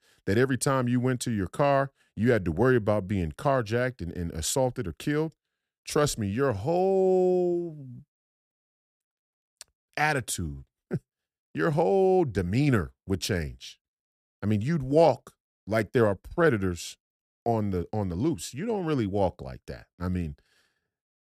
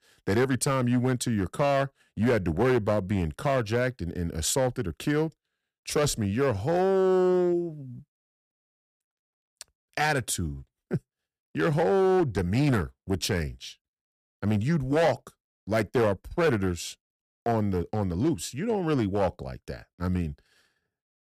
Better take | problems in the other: first | distortion; slight; 5% of the sound clipped

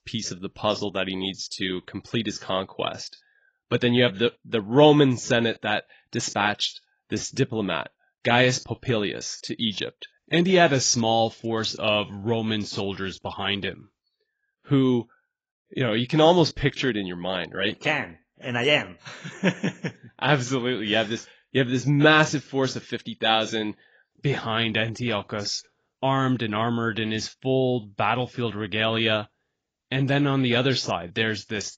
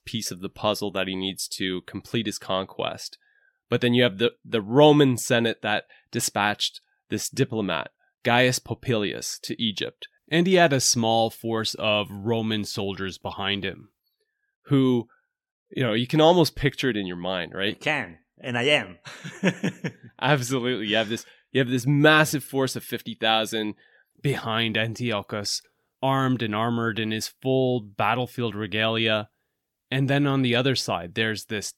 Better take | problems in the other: second | garbled, watery; badly

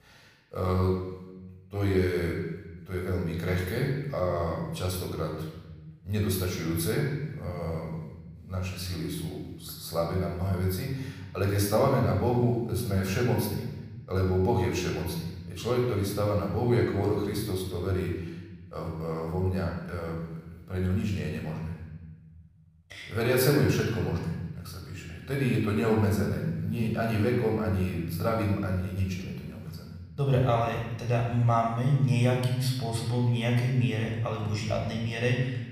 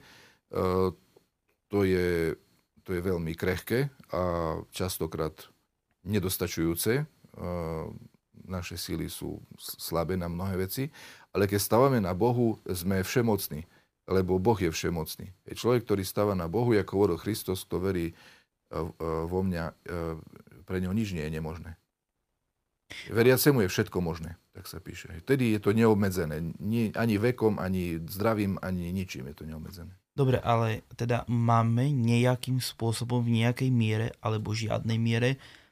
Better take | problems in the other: second | room echo; noticeable; dies away in 1.3 s // off-mic speech; somewhat distant

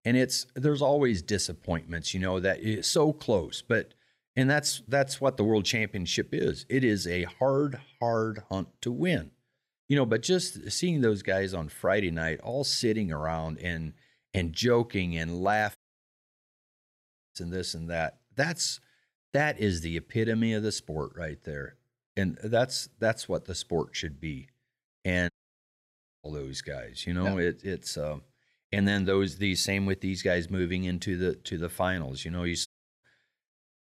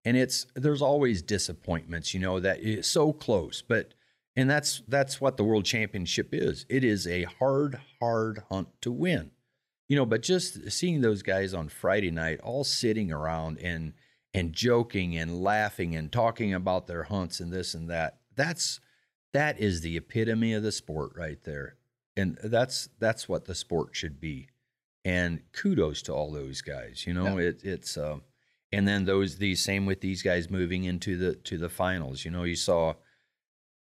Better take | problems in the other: second | audio cutting out; at 16 s for 1.5 s, at 25 s for 1 s and at 33 s

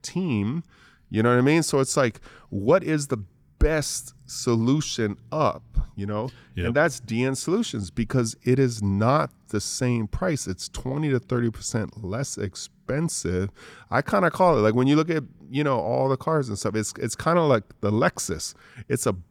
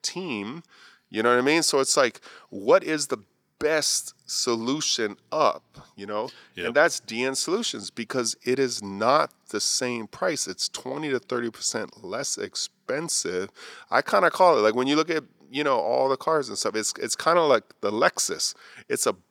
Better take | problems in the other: first | thin; somewhat; fading below 400 Hz

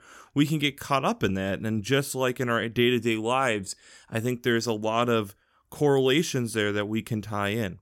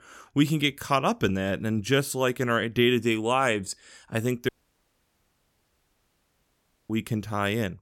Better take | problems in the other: first | audio cutting out; at 4.5 s for 2.5 s

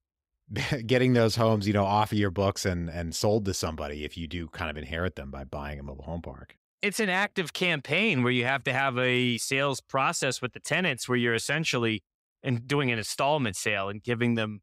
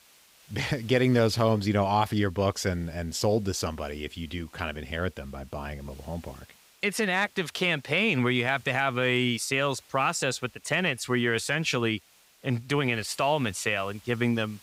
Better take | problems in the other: first | hiss; faint; throughout; 30 dB below the speech

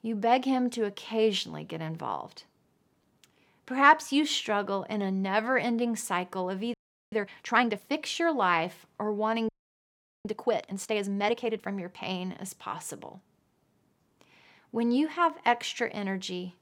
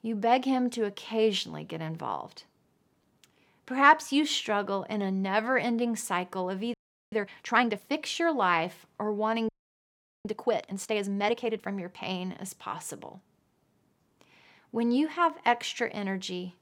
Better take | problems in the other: neither | audio freezing; at 6.5 s and at 9.5 s for 1 s; the same in both

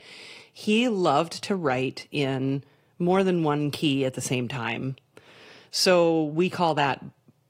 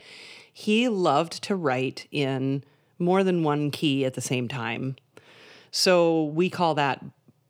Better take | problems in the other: second | garbled, watery; slightly; nothing above 15 kHz

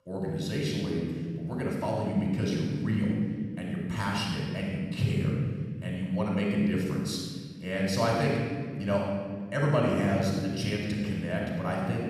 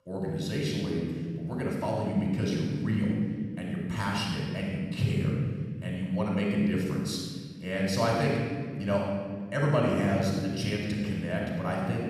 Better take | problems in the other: neither | off-mic speech; far; the same in both // room echo; strong; dies away in 1.8 s; the same in both

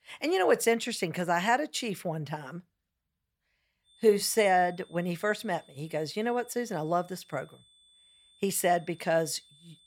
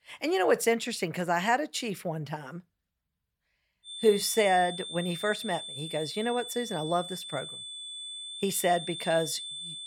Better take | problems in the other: first | high-pitched whine; loud; from 4 s on; 3.5 kHz, 8 dB below the speech; faint in the first

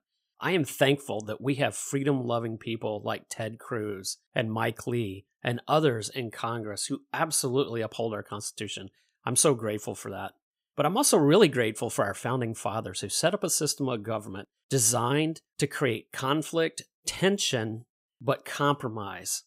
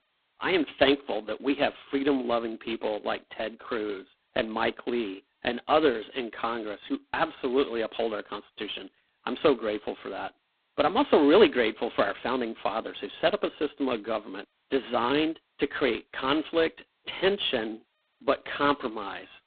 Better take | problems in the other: first | phone-call audio; poor line; nothing above 4 kHz

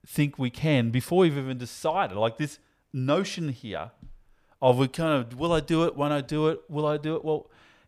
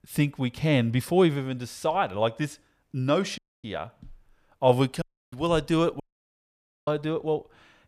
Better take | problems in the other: first | audio cutting out; at 3.5 s, at 5 s and at 6 s for 1 s

